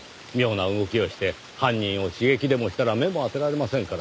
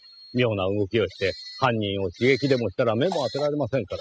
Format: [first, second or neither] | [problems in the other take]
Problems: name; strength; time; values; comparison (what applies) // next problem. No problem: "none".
first | noise reduction (classical method spectral subtraction)